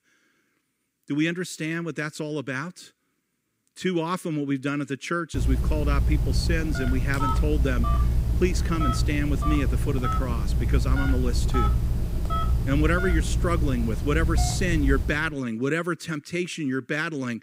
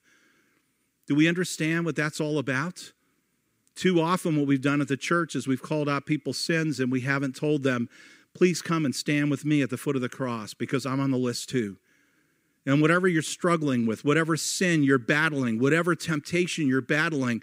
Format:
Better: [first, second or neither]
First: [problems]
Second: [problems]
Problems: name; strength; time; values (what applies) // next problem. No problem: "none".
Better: second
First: phone ringing; loud; from 5.5 to 15 s; peak 4 dB above the speech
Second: none